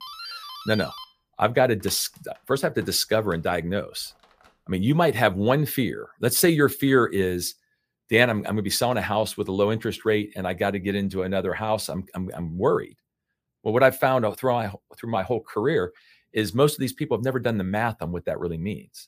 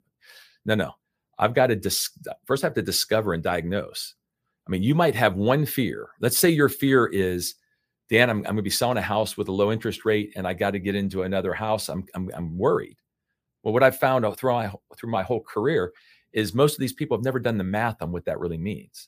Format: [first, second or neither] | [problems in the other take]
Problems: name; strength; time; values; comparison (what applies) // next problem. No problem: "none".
second | doorbell; faint; until 4.5 s; peak 10 dB below the speech